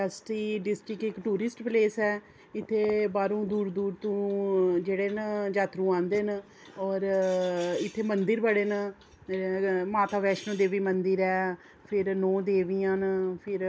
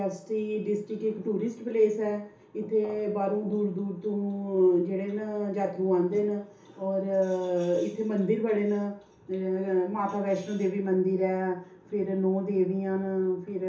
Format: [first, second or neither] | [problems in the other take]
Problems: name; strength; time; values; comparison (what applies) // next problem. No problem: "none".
first | room echo; dies away in 0.7 s